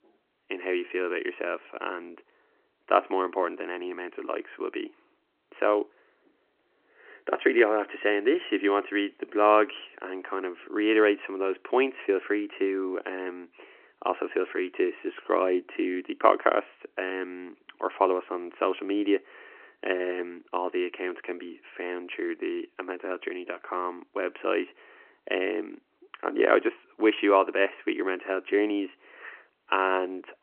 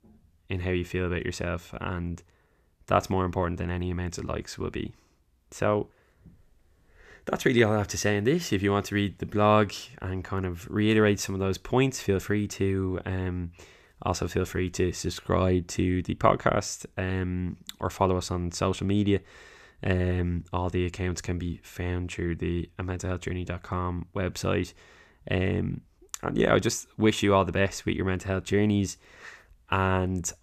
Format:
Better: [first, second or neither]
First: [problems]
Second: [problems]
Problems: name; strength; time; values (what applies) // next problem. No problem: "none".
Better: second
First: phone-call audio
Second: none